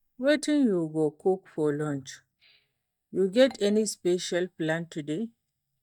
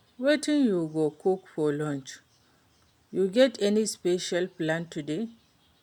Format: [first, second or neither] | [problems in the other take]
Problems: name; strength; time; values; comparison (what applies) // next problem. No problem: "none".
second | noise reduction (neural mask model DeepFilterNet 3)